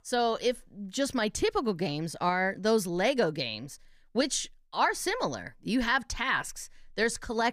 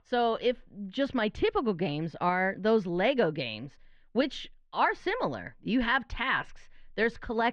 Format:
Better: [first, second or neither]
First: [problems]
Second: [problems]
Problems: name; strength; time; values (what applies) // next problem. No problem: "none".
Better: first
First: none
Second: muffled; slightly; fading above 3 kHz